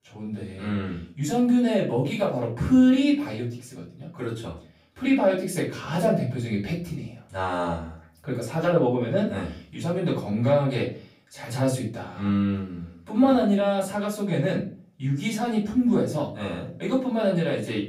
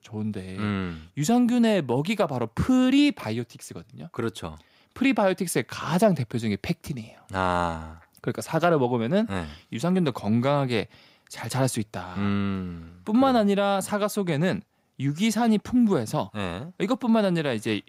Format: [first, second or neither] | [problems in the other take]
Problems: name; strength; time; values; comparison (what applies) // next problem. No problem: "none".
second | off-mic speech; far // room echo; slight; dies away in 0.4 s